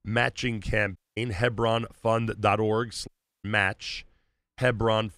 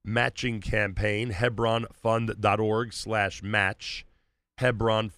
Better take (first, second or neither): second